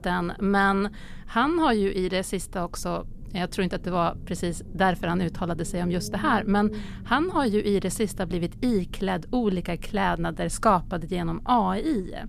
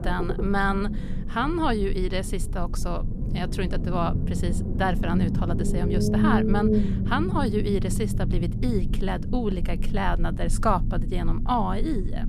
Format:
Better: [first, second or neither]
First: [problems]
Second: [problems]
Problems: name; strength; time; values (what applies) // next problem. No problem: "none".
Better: first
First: low rumble; faint; throughout; 25 dB below the speech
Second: low rumble; loud; throughout; 7 dB below the speech